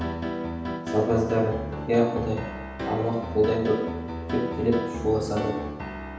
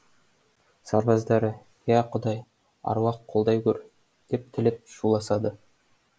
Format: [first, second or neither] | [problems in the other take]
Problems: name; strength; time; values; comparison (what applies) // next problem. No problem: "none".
second | background sound (Piano); 5 dB below the speech // room echo; dies away in 0.9 s